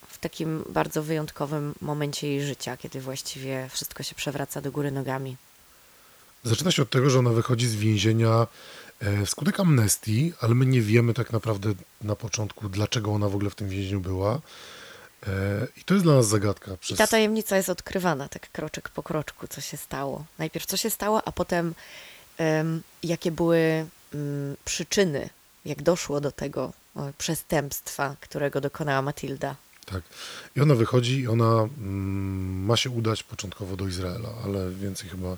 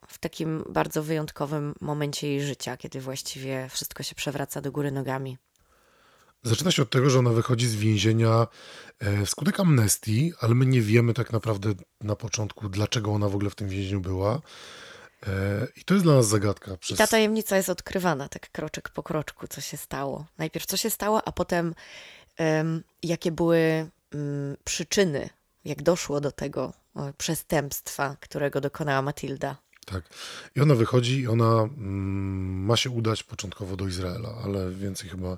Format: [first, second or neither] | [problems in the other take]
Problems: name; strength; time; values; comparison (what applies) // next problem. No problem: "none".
second | hiss; faint; throughout; 25 dB below the speech